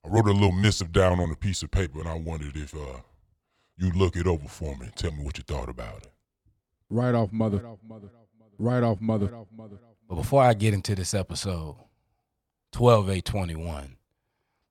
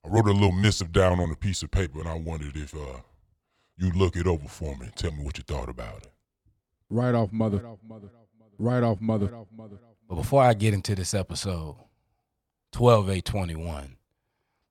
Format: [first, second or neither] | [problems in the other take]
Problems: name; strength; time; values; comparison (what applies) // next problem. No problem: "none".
neither | none